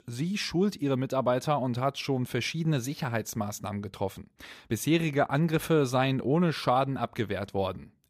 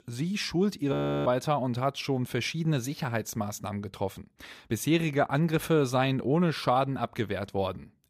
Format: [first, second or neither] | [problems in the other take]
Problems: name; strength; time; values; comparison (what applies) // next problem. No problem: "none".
first | audio freezing; at 1 s